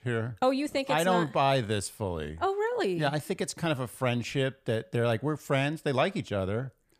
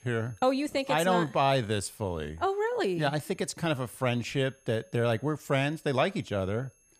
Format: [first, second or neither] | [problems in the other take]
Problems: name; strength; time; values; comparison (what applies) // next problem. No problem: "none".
first | high-pitched whine; faint; throughout; 6.5 kHz, 35 dB below the speech